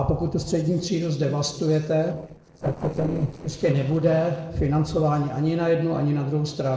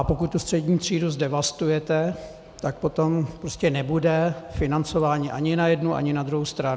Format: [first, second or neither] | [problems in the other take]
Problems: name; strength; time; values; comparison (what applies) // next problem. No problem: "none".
second | noise reduction (neural separator model SepFormer DNS4)